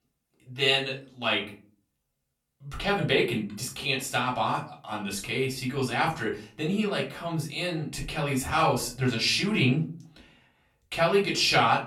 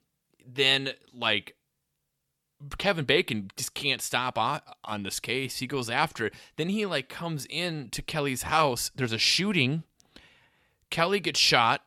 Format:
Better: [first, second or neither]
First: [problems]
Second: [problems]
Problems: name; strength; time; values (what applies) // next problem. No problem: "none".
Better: second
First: room echo; slight; dies away in 0.3 s // off-mic speech; far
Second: none